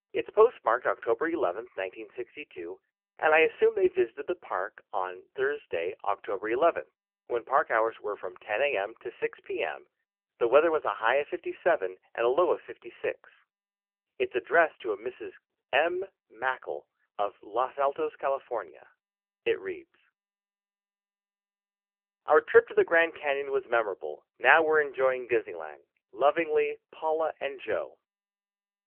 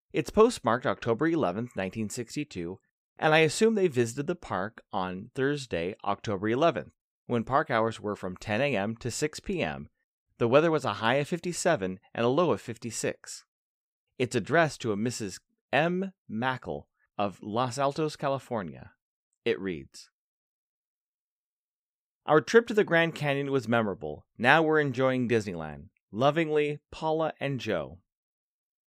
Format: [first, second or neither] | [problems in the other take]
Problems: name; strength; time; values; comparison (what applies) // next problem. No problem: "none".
second | phone-call audio; poor line; nothing above 3 kHz